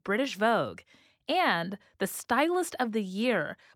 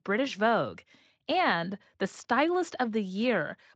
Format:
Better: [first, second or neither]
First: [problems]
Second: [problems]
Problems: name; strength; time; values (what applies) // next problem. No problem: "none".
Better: first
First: none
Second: garbled, watery; slightly; nothing above 7.5 kHz